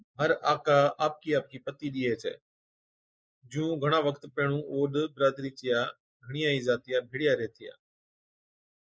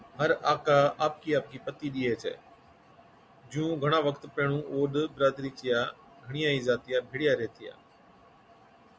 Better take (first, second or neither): second